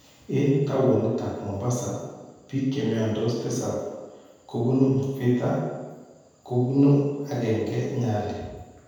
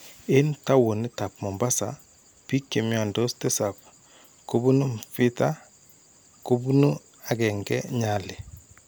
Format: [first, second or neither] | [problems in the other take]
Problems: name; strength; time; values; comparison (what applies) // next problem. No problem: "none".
second | room echo; dies away in 1.2 s